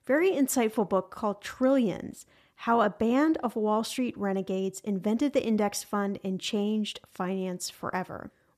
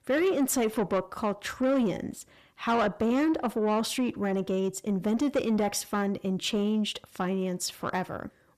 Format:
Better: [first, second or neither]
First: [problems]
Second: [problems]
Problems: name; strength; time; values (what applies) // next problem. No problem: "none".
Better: first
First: none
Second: distortion; slight; 10 dB below the speech